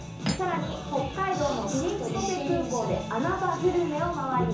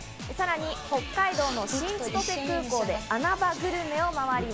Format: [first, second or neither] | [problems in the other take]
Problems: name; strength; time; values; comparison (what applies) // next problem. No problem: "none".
second | background sound (Cutlery, silverware); 12 dB below the speech // room echo; dies away in 0.7 s